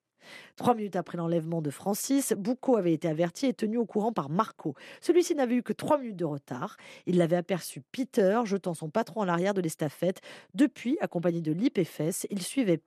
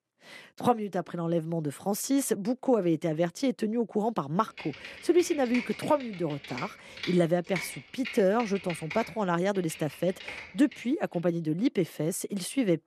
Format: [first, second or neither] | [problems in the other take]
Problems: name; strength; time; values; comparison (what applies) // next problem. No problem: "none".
first | keyboard typing; noticeable; from 4.5 to 11 s; peak 8 dB below the speech